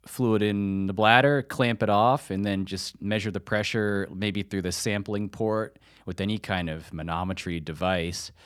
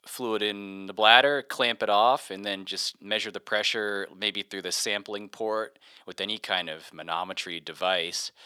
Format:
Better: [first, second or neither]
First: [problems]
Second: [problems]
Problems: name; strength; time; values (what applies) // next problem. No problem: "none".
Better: first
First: none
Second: thin; somewhat; fading below 500 Hz